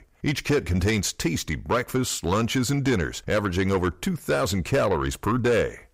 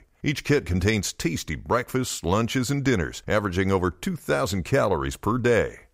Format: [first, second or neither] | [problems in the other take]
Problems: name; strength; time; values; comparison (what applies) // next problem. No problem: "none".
second | distortion; slight; 10 dB below the speech